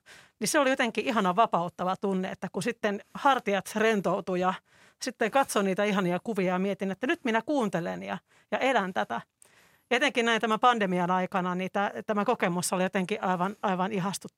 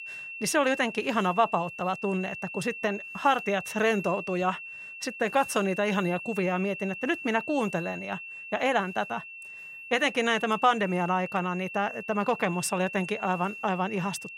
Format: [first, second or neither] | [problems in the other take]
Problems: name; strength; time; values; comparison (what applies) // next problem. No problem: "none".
first | high-pitched whine; noticeable; throughout; 2.5 kHz, 10 dB below the speech